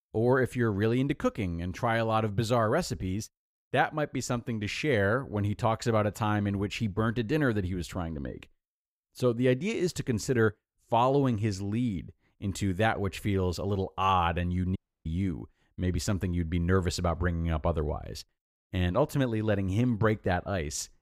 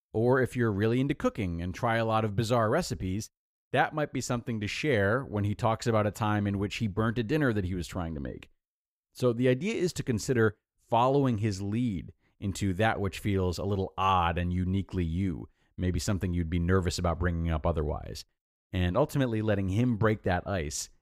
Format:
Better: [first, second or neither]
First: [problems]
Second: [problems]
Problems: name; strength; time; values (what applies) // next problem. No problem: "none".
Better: second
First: audio cutting out; at 15 s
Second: none